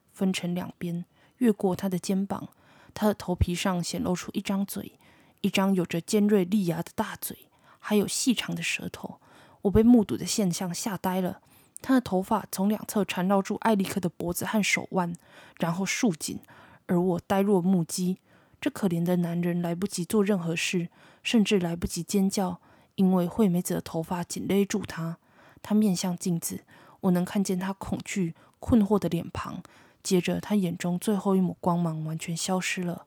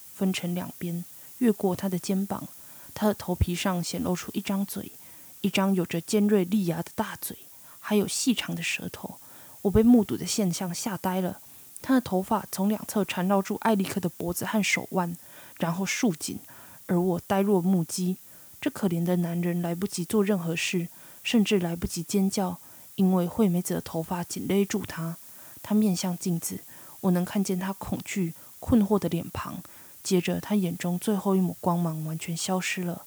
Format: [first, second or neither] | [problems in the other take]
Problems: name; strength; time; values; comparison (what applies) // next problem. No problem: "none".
first | hiss; noticeable; throughout; 15 dB below the speech